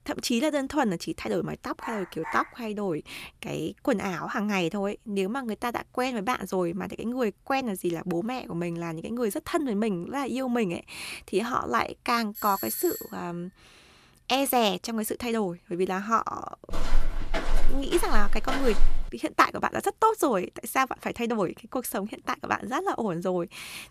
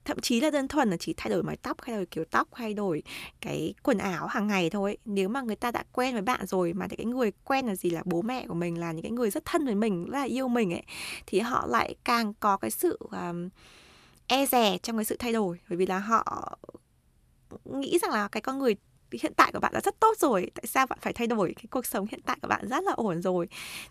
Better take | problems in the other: second | dog barking; noticeable; at 2 s; peak 9 dB below the speech // doorbell; noticeable; at 12 s; peak 4 dB below the speech // footsteps; noticeable; from 17 to 19 s; peak 2 dB below the speech

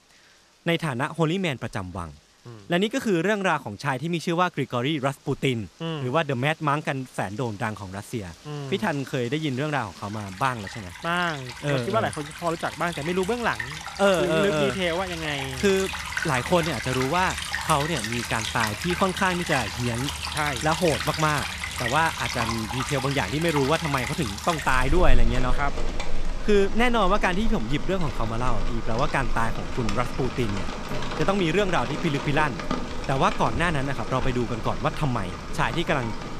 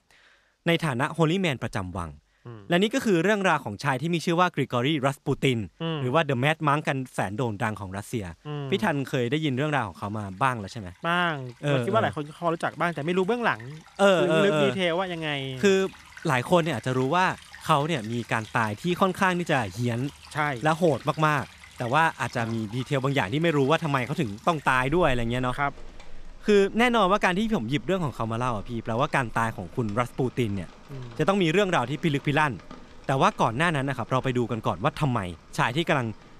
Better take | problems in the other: second | rain or running water; loud; throughout; 5 dB below the speech; faint in the second

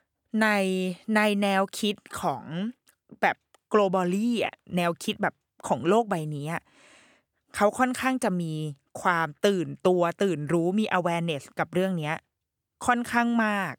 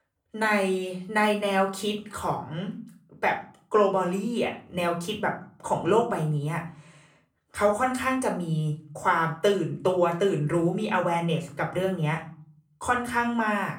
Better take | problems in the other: first | room echo; slight; dies away in 0.4 s // off-mic speech; somewhat distant

